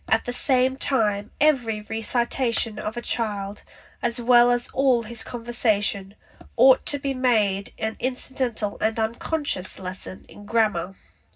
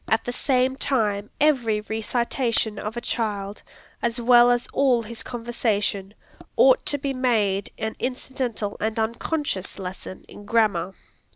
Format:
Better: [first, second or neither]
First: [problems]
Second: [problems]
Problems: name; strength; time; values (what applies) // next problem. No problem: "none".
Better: second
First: room echo; dies away in 0.4 s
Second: none